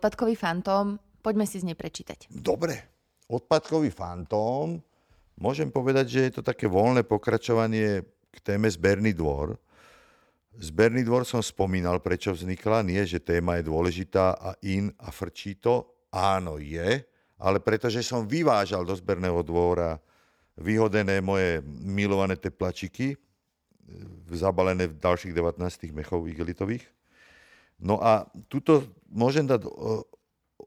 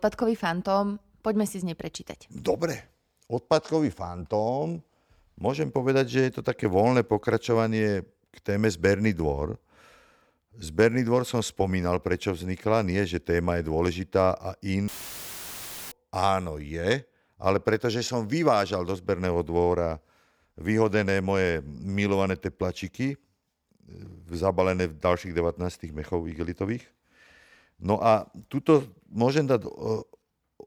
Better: first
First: none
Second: audio cutting out; filled with static; at 15 s for 1 s

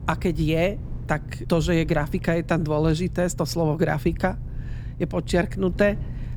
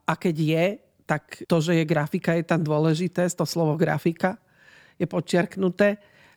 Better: second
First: low rumble; faint; throughout; 20 dB below the speech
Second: none

